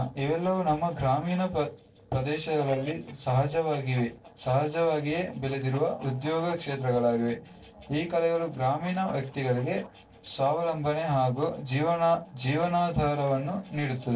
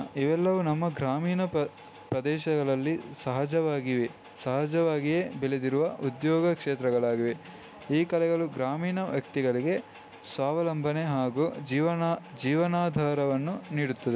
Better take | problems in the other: second | noise reduction (neural separator model SepFormer DNS4)

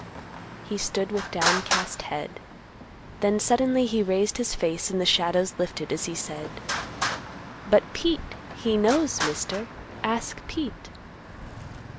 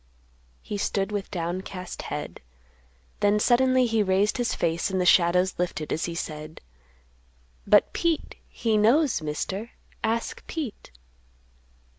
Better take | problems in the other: second | background sound (Traffic noise, roadway noise); 7 dB below the speech

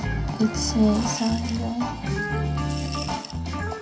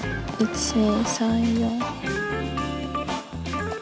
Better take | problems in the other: second | background sound (Coin (dropping) / Glass); 18 dB below the speech // room echo; dies away in 0.2 s

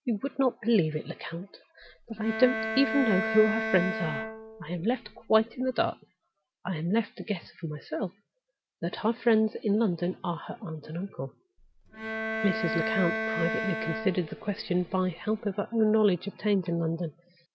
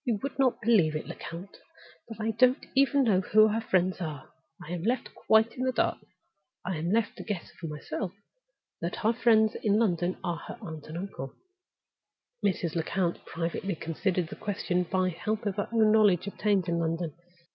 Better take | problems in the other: second | background sound (Bowed string instrument); 5 dB below the speech

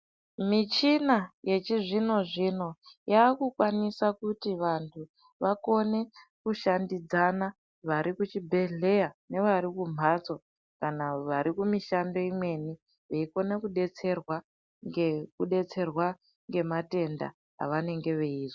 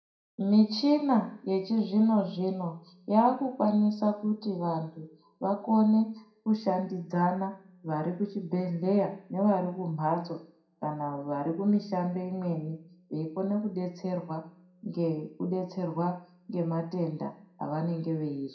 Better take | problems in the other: first | room echo; dies away in 0.5 s

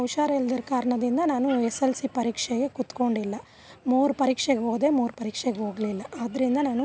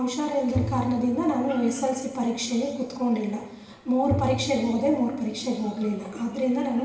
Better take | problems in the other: first | background sound (Bowed string instrument); 10 dB below the speech // room echo; dies away in 1.1 s

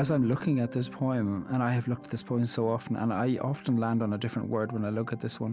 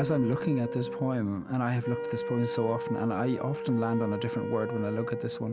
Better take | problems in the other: first | background sound (Wind instrument, woodwind instrument); 6 dB below the speech

